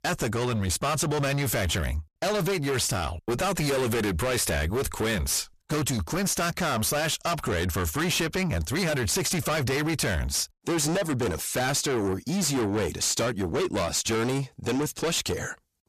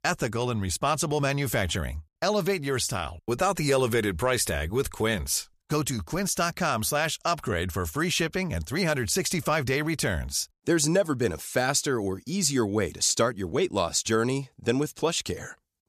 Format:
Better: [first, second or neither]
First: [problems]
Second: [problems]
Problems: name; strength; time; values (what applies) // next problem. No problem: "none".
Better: second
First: distortion; heavy; 5 dB below the speech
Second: none